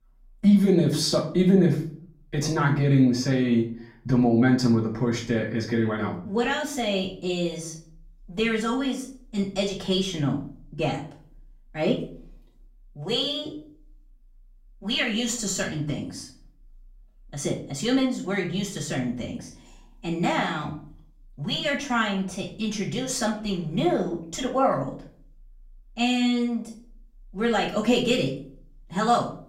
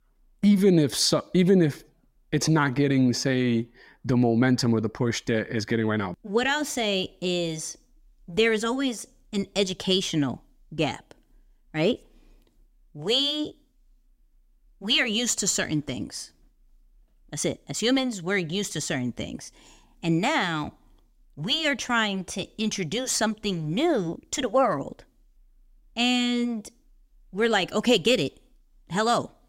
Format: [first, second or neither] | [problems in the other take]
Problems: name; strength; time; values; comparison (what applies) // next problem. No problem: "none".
second | off-mic speech; far // room echo; slight; dies away in 0.4 s